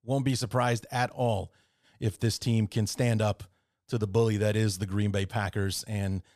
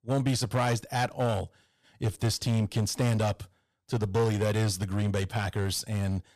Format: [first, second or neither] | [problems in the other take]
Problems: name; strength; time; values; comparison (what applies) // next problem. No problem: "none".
first | distortion; slight; 9% of the sound clipped